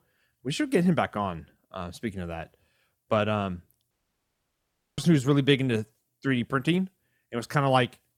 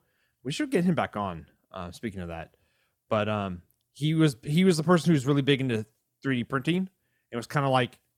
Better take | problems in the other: second | audio cutting out; at 4 s for 1 s

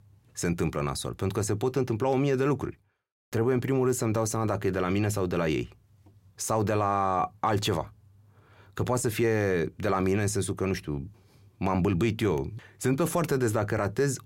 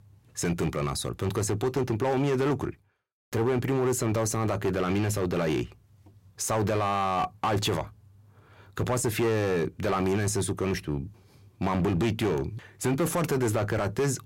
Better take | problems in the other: first | distortion; slight; 12% of the sound clipped

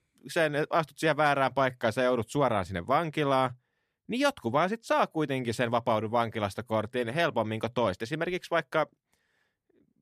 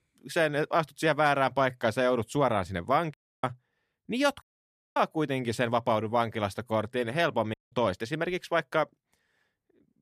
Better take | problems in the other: first | audio cutting out; at 3 s, at 4.5 s for 0.5 s and at 7.5 s

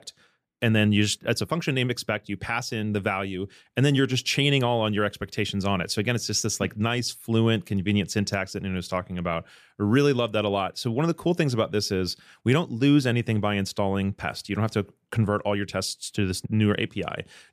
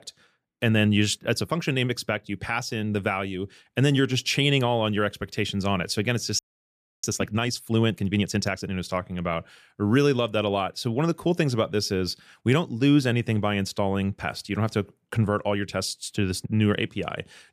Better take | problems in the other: first | audio freezing; at 6.5 s for 0.5 s

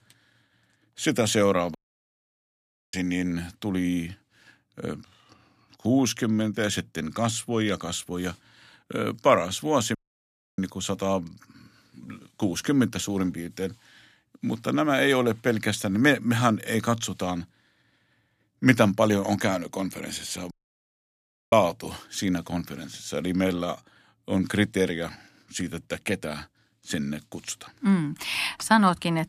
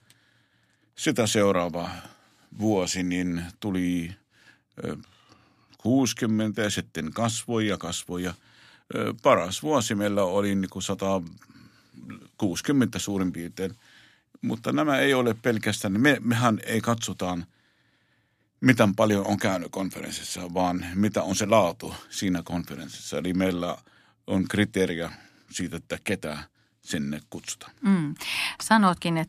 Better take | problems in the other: second | audio cutting out; at 2 s for 1 s, at 10 s for 0.5 s and at 21 s for 1 s

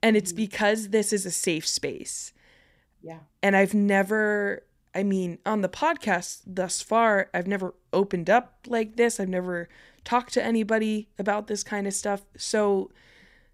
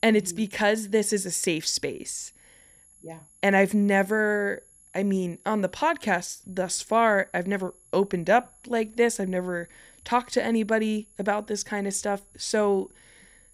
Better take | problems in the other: first | high-pitched whine; faint; throughout; 11 kHz, 30 dB below the speech

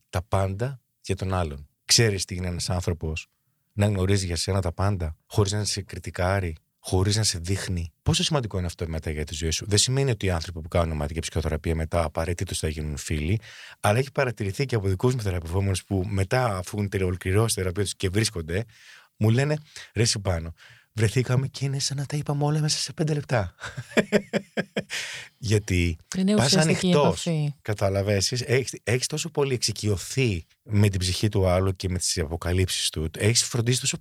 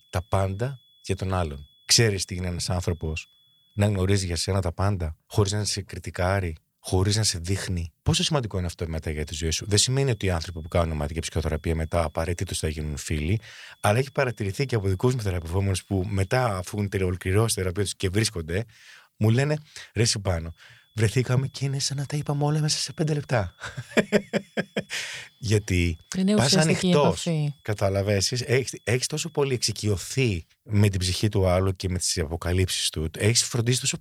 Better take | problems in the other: first | high-pitched whine; faint; until 4 s, from 9 to 17 s and from 20 to 30 s; 3.5 kHz, 35 dB below the speech

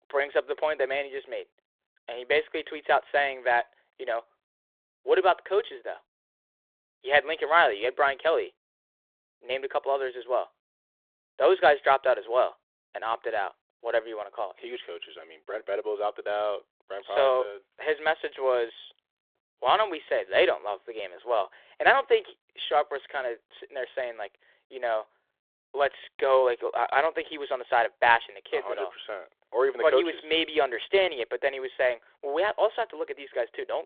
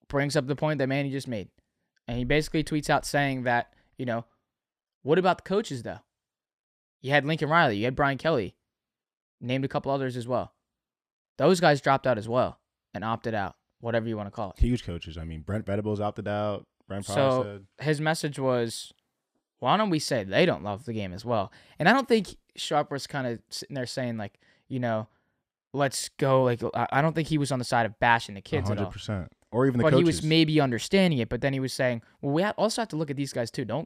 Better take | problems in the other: second | phone-call audio; nothing above 3.5 kHz

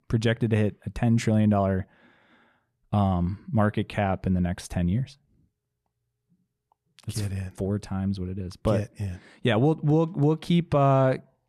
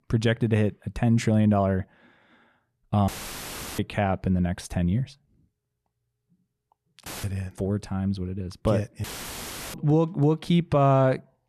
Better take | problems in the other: first | audio cutting out; filled with static; at 3 s for 0.5 s, at 7 s and at 9 s for 0.5 s

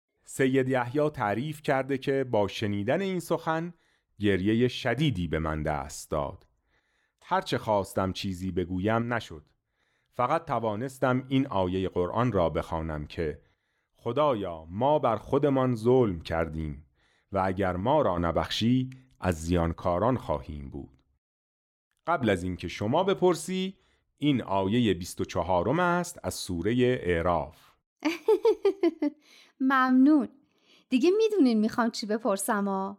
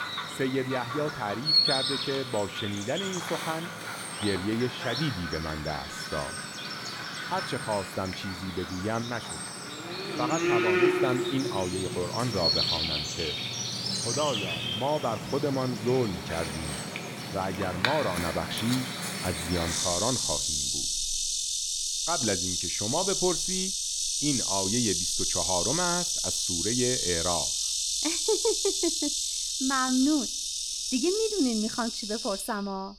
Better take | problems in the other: first | animal sounds; very loud; throughout; 3 dB above the speech

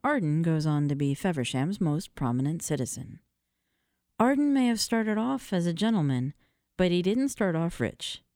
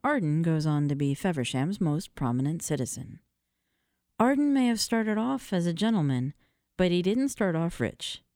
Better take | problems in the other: neither | none

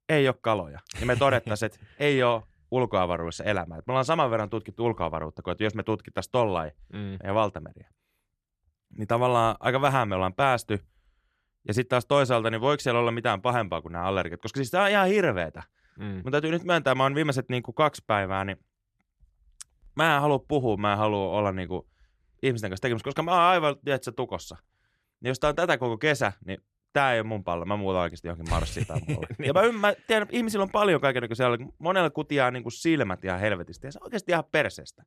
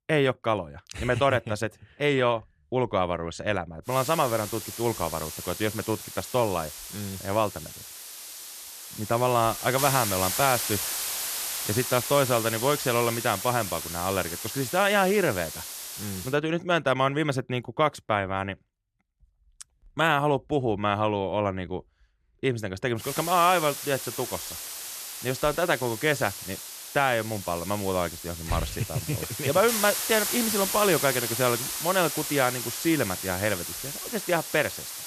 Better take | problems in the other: first | hiss; loud; from 4 to 16 s and from 23 s on; 5 dB below the speech

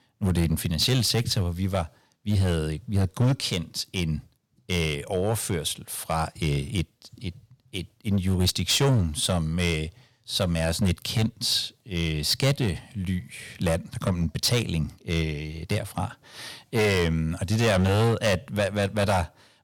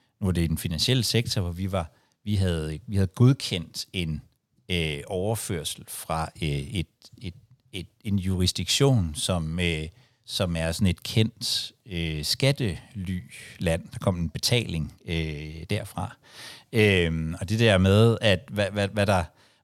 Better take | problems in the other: second | distortion; heavy; 6% of the sound clipped

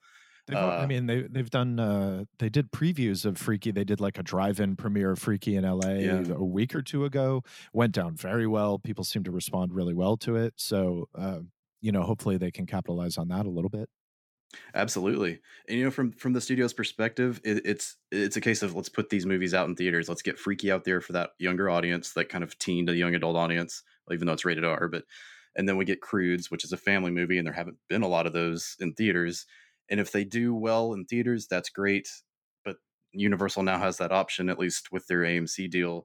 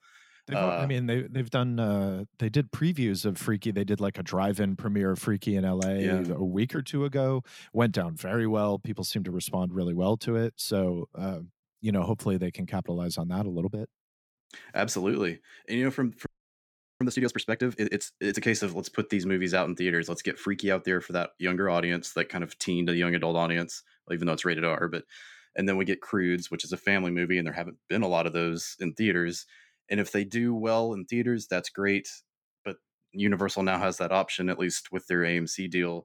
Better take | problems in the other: first | audio freezing; at 16 s for 0.5 s

